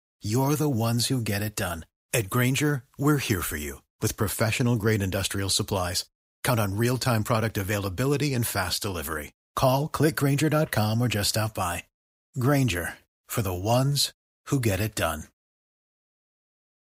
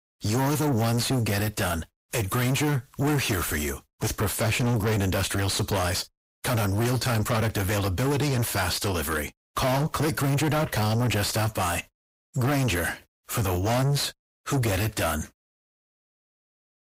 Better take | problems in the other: first | distortion; heavy; 6 dB below the speech

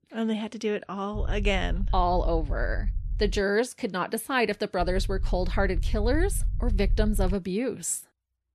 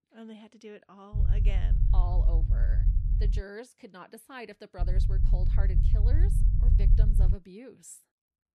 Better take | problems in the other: first | low rumble; loud; from 1 to 3.5 s and from 5 to 7.5 s; 1 dB below the speech; faint in the first

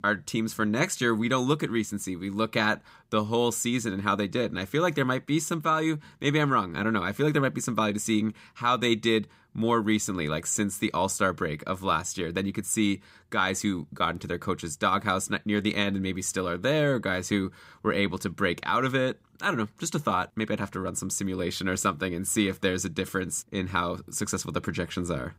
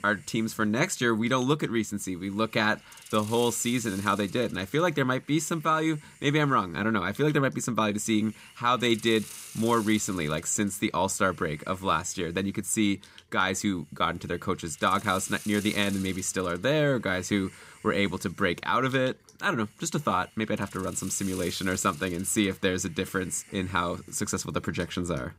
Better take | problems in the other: first | hiss; noticeable; throughout; 20 dB below the speech

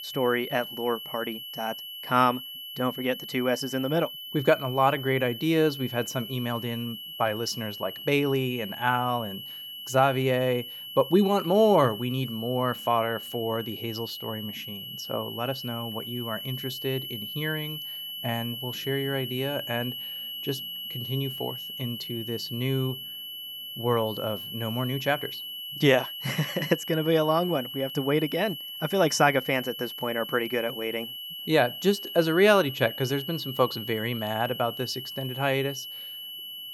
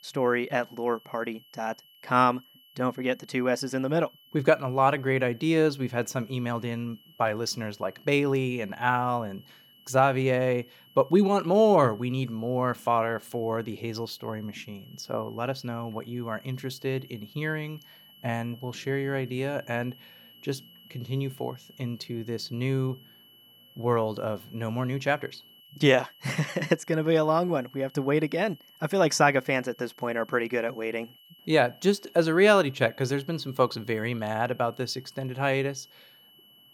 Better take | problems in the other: second | high-pitched whine; loud; throughout; 3 kHz, 8 dB below the speech; faint in the second

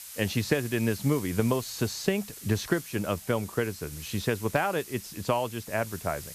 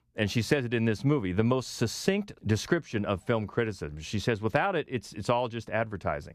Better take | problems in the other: second | hiss; noticeable; throughout; 10 dB below the speech

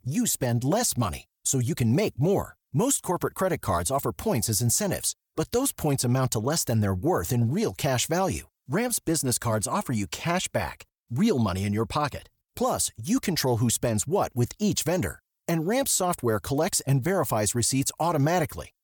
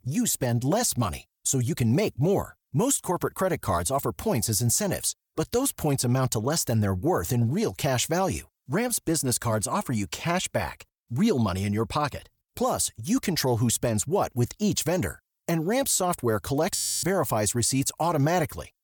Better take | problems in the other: first | audio freezing; at 17 s

